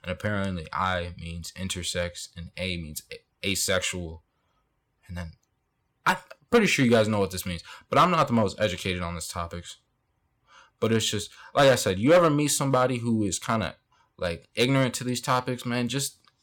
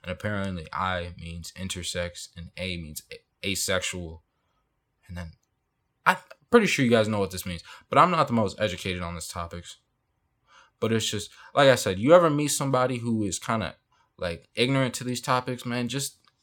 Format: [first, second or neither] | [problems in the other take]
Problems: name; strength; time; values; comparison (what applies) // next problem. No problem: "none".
second | distortion; slight; 1.2% of the sound clipped